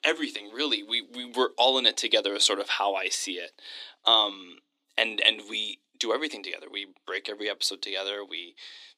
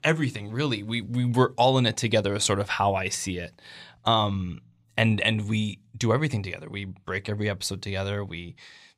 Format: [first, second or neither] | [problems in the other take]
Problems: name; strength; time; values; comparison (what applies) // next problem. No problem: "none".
second | thin; somewhat; fading below 300 Hz